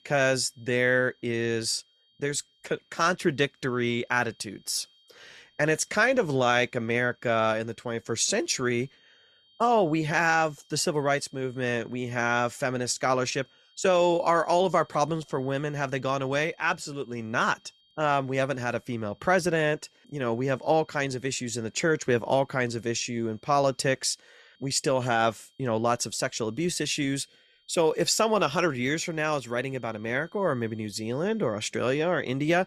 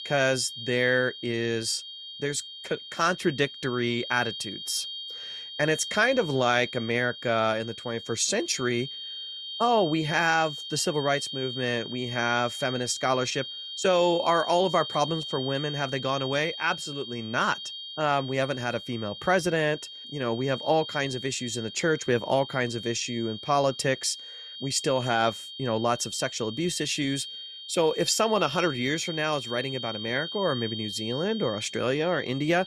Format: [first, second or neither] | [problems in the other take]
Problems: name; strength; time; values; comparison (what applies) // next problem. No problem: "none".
first | high-pitched whine; loud; throughout; 3 kHz, 9 dB below the speech; faint in the first